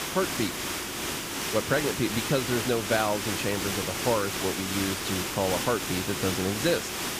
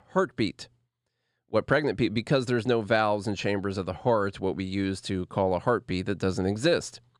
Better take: second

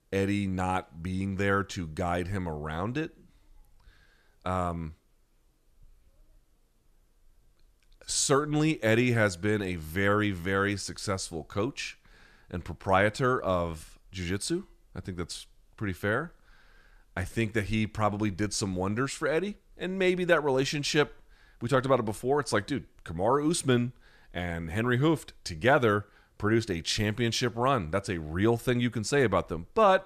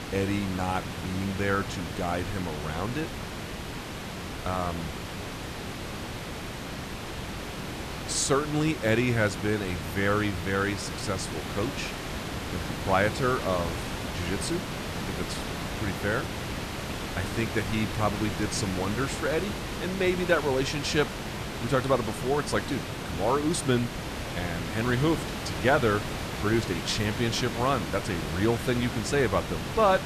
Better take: first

